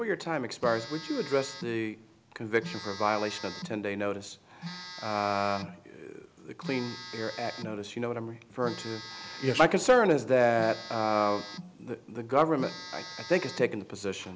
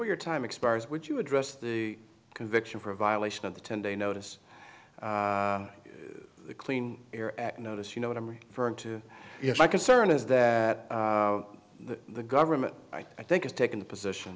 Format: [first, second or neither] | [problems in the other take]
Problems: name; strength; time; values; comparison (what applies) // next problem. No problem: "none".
second | background sound (Telephone); 15 dB below the speech